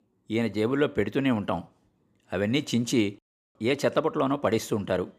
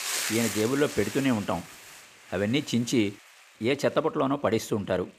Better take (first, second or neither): first